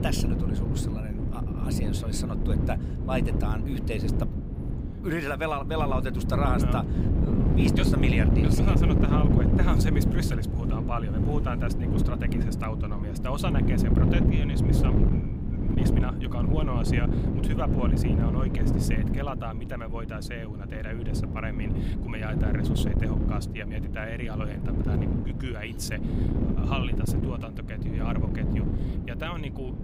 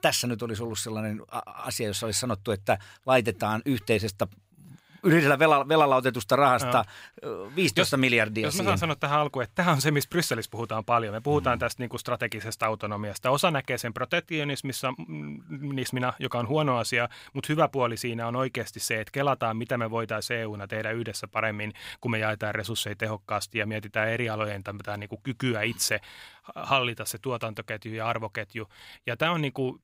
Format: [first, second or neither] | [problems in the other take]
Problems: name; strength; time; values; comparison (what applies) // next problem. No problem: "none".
second | wind noise on the microphone; heavy; as loud as the speech